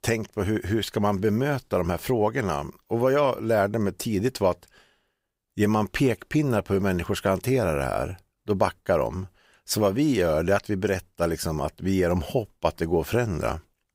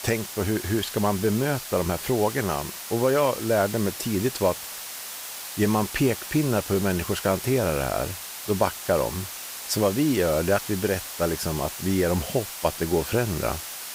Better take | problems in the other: first | hiss; loud; throughout; 8 dB below the speech

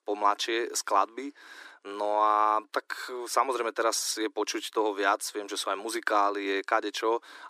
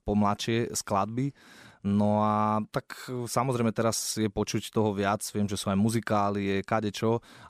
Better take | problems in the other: second | thin; very; fading below 300 Hz

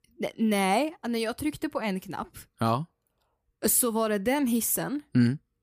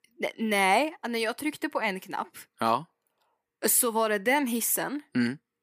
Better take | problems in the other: first | thin; very slightly; fading below 250 Hz

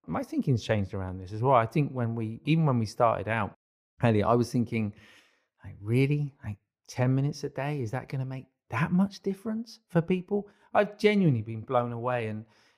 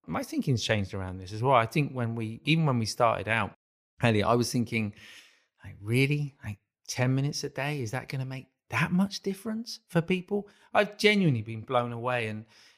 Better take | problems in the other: second | muffled; slightly; fading above 2 kHz

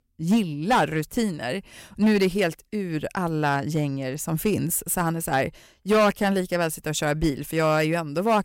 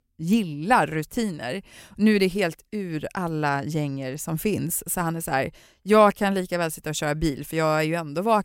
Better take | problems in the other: second | distortion; slight; 4% of the sound clipped

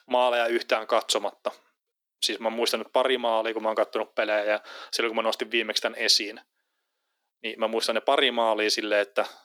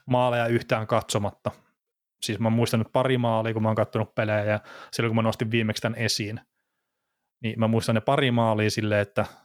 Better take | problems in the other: second | thin; very; fading below 300 Hz

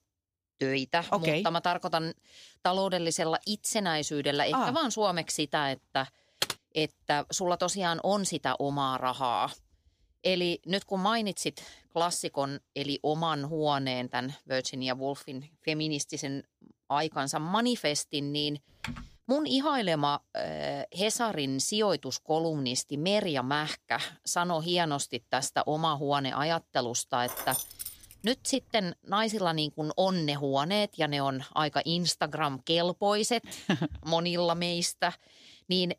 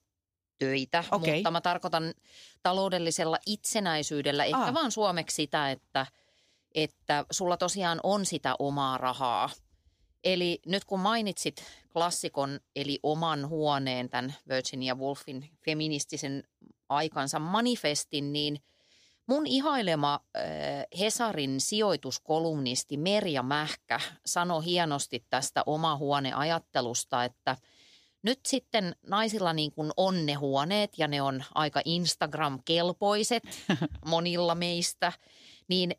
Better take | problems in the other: second | keyboard typing; noticeable; at 6.5 s; peak 3 dB below the speech // keyboard typing; faint; at 19 s; peak 10 dB below the speech // jangling keys; noticeable; at 27 s; peak 3 dB below the speech

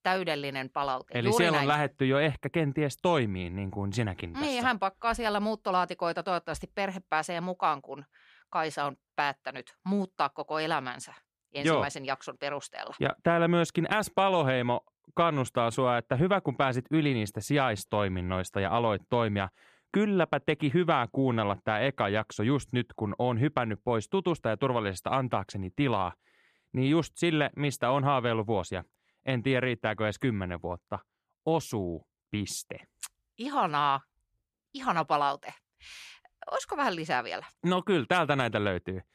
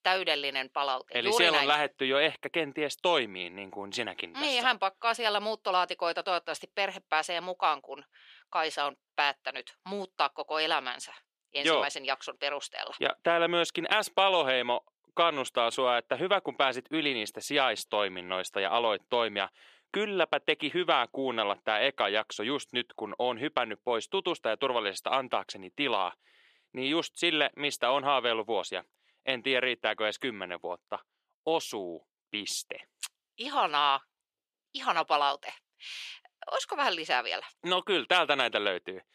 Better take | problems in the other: first | thin; somewhat; fading below 450 Hz

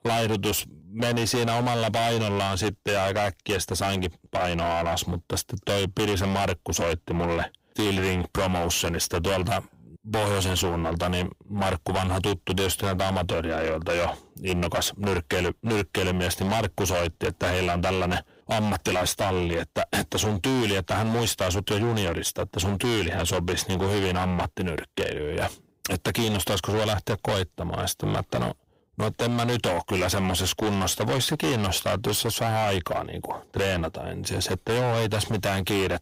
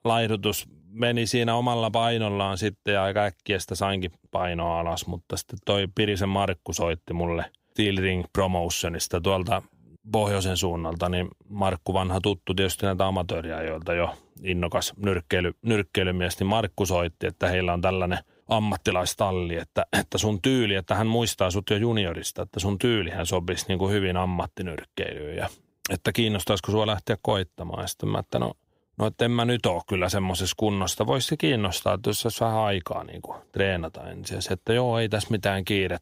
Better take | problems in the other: second | distortion; heavy; 24% of the sound clipped

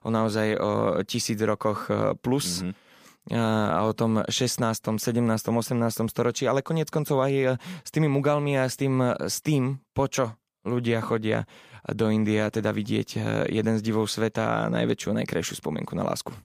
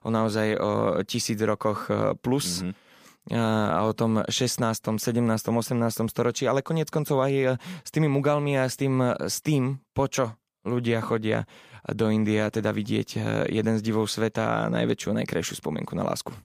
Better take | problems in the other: neither | none

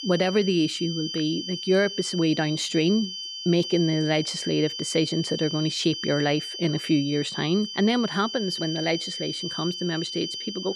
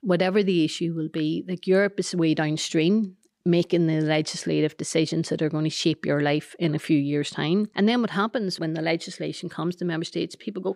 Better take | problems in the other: second | high-pitched whine; loud; throughout; 3 kHz, 6 dB below the speech

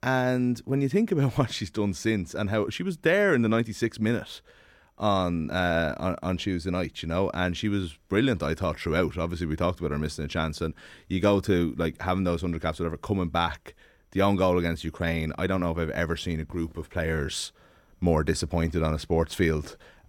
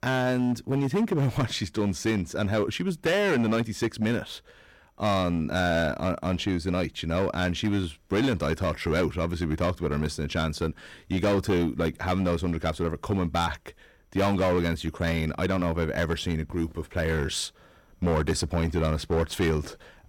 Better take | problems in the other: first | distortion; slight; 10% of the sound clipped

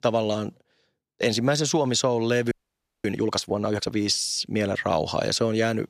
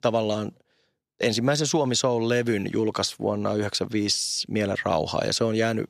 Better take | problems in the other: second | audio freezing; at 2.5 s for 0.5 s

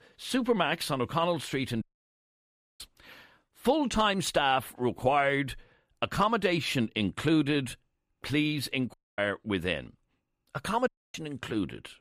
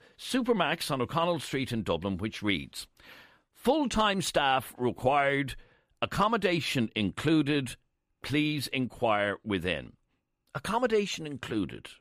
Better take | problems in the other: second | audio cutting out; at 2 s for 1 s, at 9 s and at 11 s

